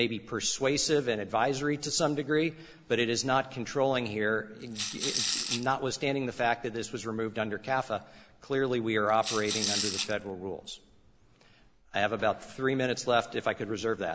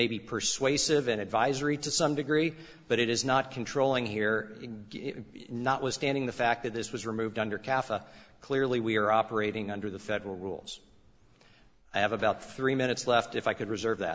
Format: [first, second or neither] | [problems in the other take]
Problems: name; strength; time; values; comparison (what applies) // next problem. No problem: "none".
second | background sound (Rattle / Rattle (instrument)); 3 dB below the speech